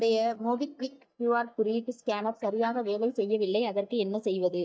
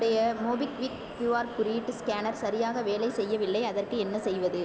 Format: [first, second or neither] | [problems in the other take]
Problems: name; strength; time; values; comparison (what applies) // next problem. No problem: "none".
second | noise reduction (neural mask model DeepFilterNet 3)